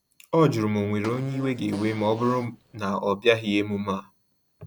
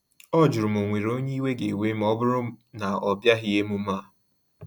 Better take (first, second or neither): second